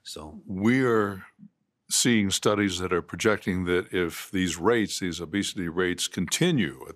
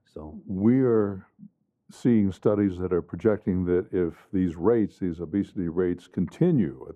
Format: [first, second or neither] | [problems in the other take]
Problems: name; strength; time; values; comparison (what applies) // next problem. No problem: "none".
first | muffled; very; fading above 1.5 kHz